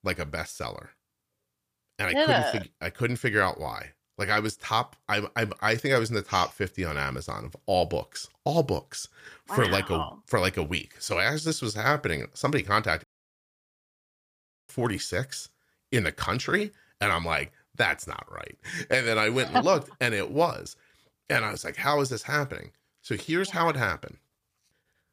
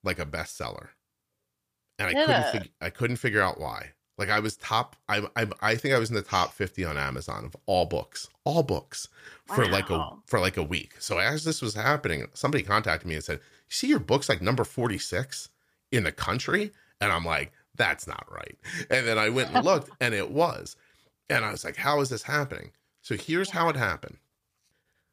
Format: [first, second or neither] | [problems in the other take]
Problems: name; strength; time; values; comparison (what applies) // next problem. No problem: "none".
second | audio cutting out; at 13 s for 1.5 s